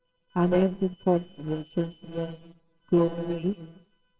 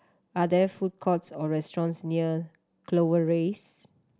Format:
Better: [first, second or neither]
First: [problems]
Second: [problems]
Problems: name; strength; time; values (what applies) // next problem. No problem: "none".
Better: second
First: noise reduction (neural separator model SepFormer WHAMR!)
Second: none